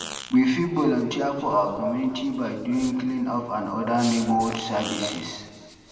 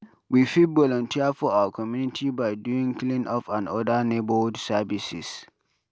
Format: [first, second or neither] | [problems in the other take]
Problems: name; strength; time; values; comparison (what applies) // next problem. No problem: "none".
second | background sound (Fart); 16 dB below the speech // room echo; dies away in 1.9 s